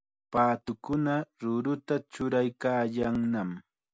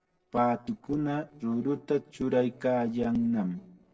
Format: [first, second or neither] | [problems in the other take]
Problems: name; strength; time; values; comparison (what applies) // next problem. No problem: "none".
first | noise reduction (neural separator model SepFormer DNS4)